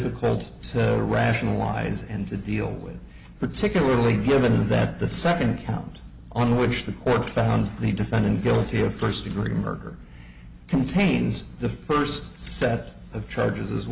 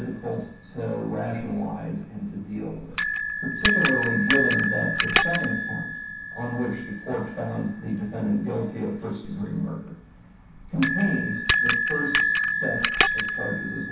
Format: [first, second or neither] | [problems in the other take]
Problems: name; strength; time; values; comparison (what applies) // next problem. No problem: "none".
first | background sound (Bell); 1 dB above the speech // room echo; dies away in 0.7 s